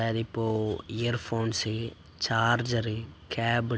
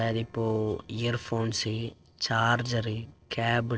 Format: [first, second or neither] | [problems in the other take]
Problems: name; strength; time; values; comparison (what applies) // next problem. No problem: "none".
first | noise reduction (neural separator model SepFormer DNS4)